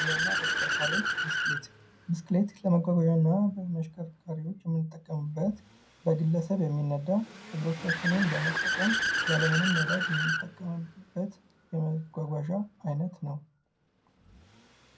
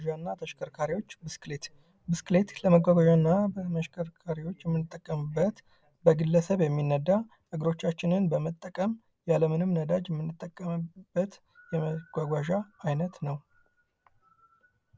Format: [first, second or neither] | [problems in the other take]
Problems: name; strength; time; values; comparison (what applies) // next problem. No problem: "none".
second | background sound (Accelerating, revving, vroom / Car); 4 dB below the speech // room echo; dies away in 0.2 s